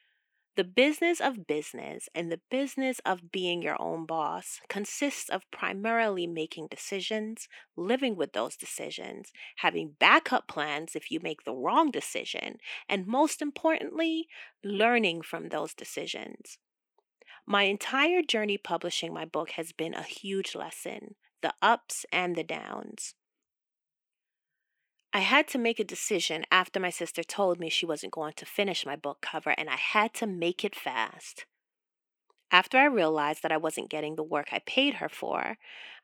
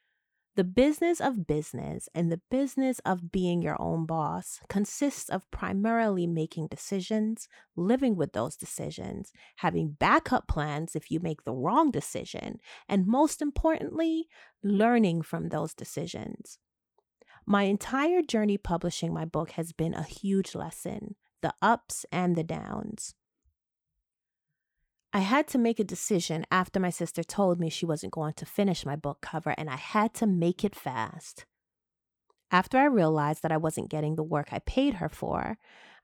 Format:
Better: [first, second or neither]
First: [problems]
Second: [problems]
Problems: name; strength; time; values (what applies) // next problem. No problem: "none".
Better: second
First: thin; somewhat; fading below 300 Hz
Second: none